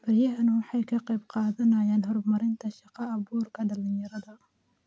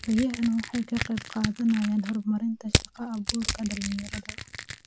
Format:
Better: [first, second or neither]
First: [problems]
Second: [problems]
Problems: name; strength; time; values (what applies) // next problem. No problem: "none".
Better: first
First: none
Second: background sound (Crushing); 5 dB below the speech